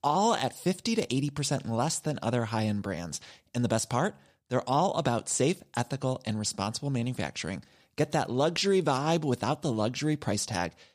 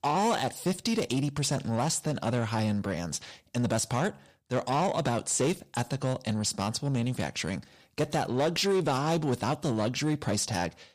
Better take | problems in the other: first | distortion; slight; 10 dB below the speech

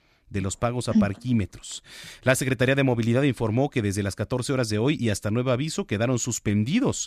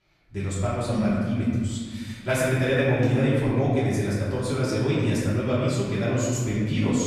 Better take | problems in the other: first | room echo; strong; dies away in 1.6 s // off-mic speech; far

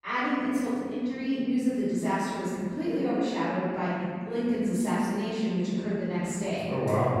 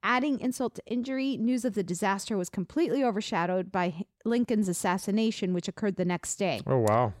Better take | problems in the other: second | off-mic speech; far // room echo; strong; dies away in 2 s

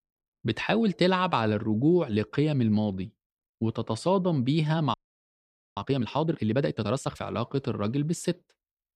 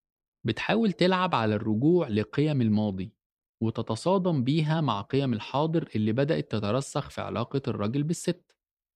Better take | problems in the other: second | audio freezing; at 5 s for 1 s

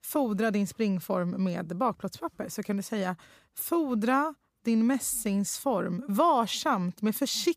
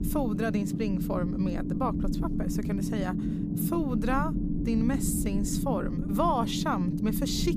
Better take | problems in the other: first | low rumble; loud; throughout; 5 dB below the speech

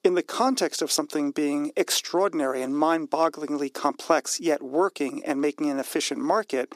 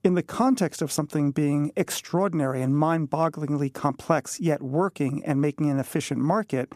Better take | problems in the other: second | thin; very slightly; fading below 350 Hz

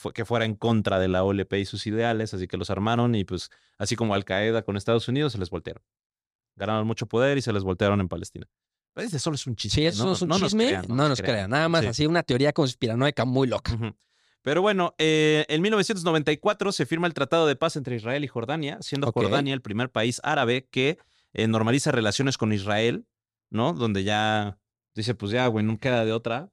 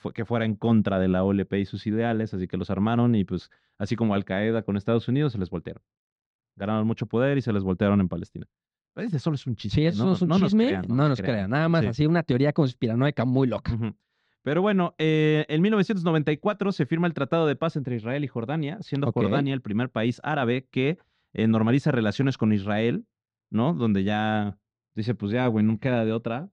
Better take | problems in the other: first | muffled; slightly; fading above 3 kHz

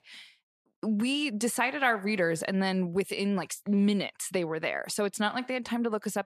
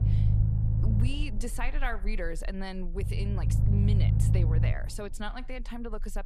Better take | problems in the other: first | low rumble; loud; throughout; 2 dB below the speech

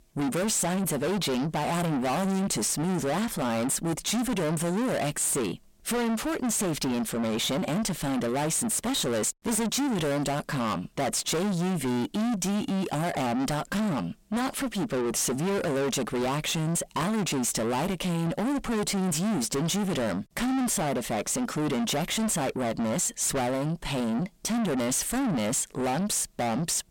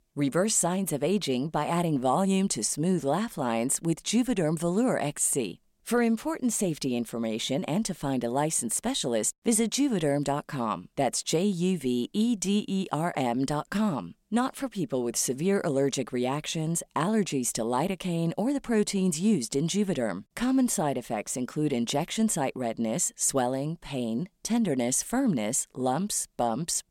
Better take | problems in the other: second | distortion; heavy; 5 dB below the speech

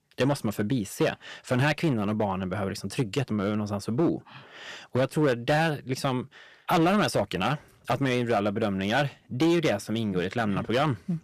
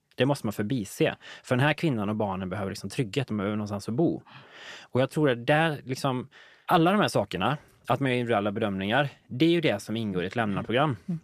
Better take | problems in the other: second | distortion; slight; 5% of the sound clipped

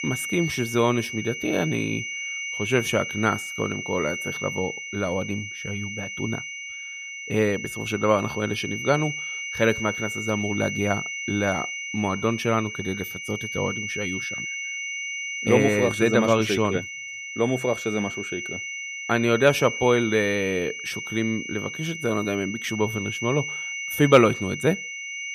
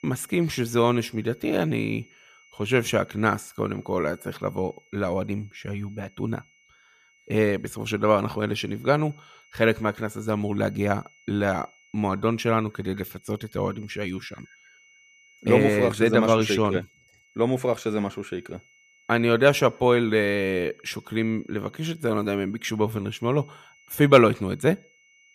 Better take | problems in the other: second | high-pitched whine; loud; throughout; 2 kHz, 6 dB below the speech; faint in the second

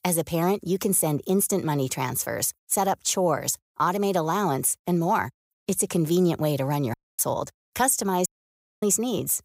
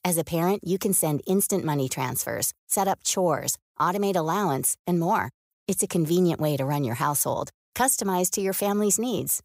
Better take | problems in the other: second | audio cutting out; at 7 s and at 8.5 s for 0.5 s

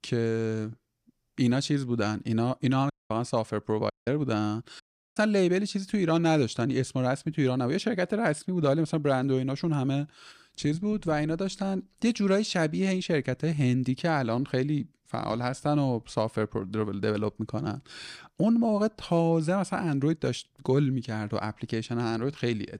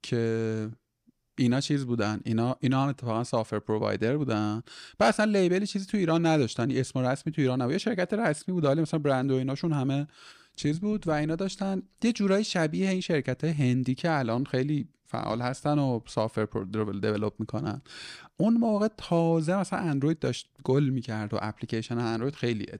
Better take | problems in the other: second | audio cutting out; at 3 s, at 4 s and at 5 s

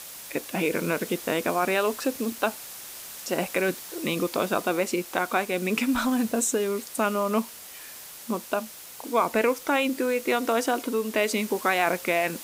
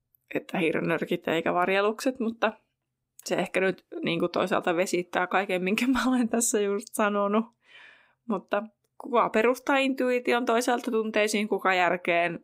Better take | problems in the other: second | hiss; noticeable; throughout; 10 dB below the speech

